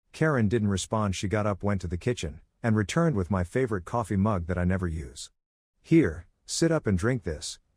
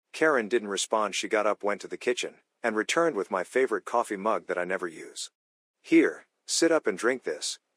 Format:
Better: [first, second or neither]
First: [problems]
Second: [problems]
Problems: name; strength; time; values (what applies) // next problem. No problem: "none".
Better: first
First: none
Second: thin; very; fading below 300 Hz